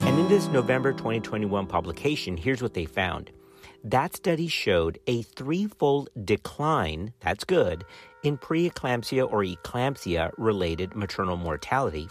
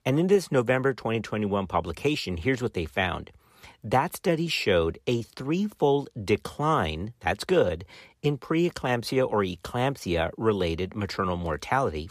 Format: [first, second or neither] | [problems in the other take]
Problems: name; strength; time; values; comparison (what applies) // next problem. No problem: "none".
second | background music; loud; throughout; 8 dB below the speech